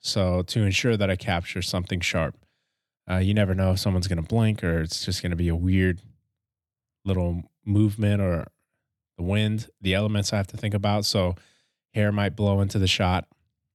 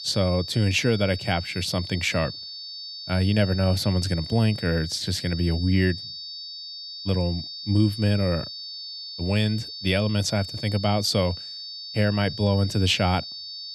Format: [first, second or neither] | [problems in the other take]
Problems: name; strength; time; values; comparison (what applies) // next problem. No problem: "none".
first | high-pitched whine; loud; throughout; 4.5 kHz, 10 dB below the speech